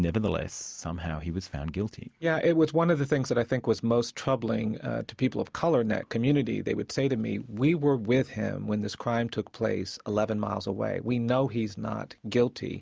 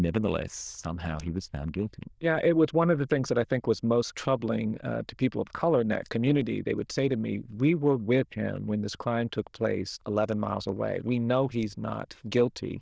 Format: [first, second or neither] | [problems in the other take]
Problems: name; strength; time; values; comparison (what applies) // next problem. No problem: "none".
first | noise reduction (neural diffusion model UNIVERSE++)